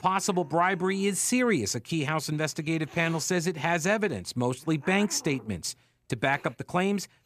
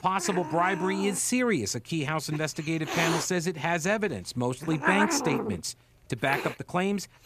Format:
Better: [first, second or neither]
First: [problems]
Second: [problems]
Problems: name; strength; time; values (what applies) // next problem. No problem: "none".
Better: first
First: hiss; faint; throughout; 20 dB below the speech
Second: hiss; loud; throughout; 4 dB below the speech